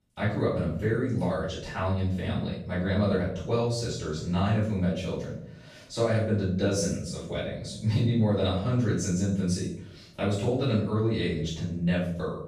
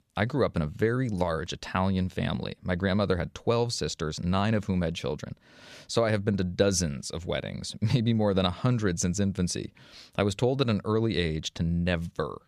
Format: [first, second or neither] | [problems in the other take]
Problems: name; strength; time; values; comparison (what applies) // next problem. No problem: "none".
second | off-mic speech; far // room echo; noticeable; dies away in 0.6 s